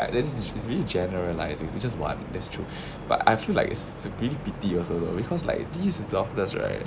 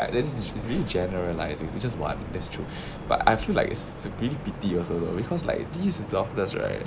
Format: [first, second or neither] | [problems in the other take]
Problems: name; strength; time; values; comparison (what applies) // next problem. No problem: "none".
first | background sound (Zipper (clothing)); 14 dB below the speech